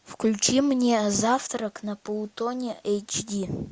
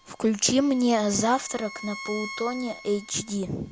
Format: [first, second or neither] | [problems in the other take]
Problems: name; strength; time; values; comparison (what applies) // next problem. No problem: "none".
first | background sound (Bowed string instrument); 16 dB below the speech